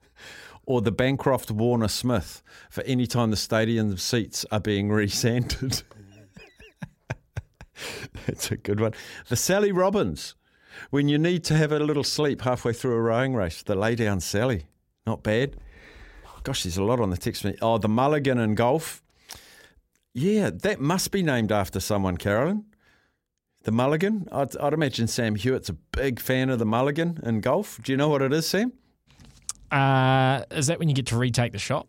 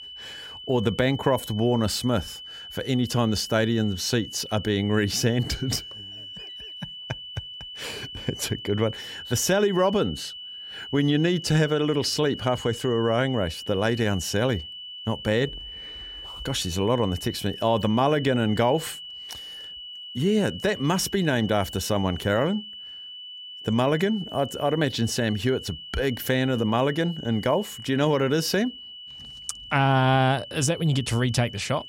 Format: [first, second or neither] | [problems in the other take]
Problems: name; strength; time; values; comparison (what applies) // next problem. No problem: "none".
first | high-pitched whine; noticeable; throughout; 3 kHz, 10 dB below the speech